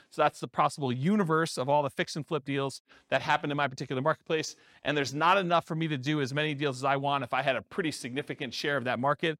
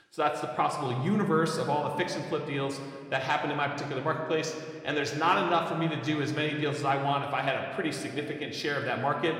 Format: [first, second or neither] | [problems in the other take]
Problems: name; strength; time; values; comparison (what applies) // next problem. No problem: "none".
first | room echo; slight; dies away in 1.5 s